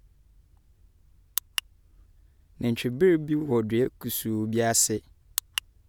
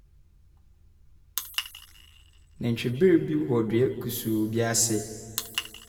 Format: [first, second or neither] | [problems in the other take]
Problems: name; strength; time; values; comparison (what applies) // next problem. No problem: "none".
first | room echo; dies away in 1.4 s